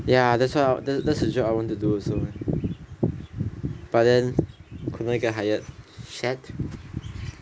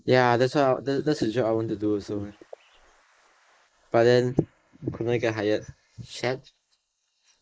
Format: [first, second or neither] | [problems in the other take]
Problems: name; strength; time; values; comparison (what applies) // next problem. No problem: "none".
first | noise reduction (neural mask model Resemble Enhance denoiser)